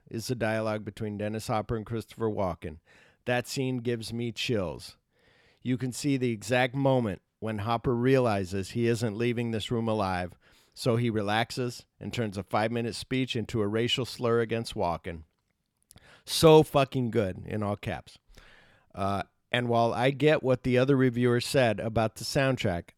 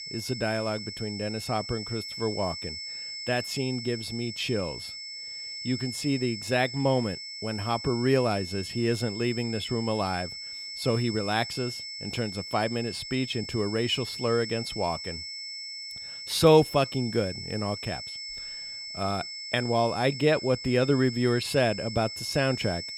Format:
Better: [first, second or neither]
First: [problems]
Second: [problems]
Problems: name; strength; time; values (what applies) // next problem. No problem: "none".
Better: first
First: none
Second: high-pitched whine; loud; throughout; 5.5 kHz, 8 dB below the speech